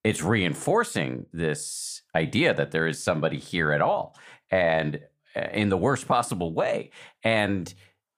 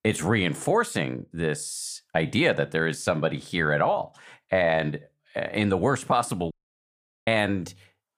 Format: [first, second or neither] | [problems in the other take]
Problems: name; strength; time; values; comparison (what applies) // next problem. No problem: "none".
first | audio cutting out; at 6.5 s for 1 s